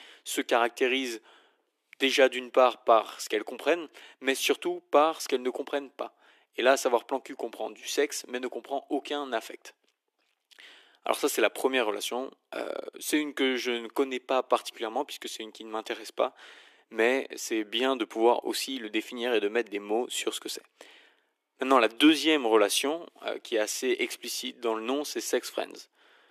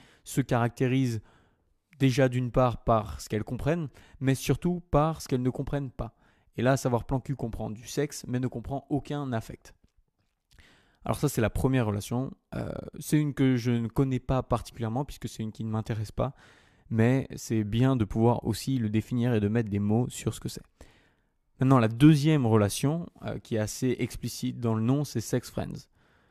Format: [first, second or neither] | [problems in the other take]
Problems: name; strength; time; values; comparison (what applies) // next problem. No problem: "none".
second | thin; very; fading below 300 Hz